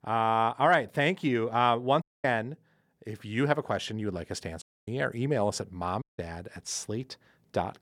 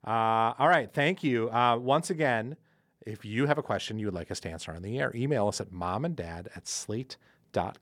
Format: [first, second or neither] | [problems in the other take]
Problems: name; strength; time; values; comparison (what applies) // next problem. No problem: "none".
second | audio cutting out; at 2 s, at 4.5 s and at 6 s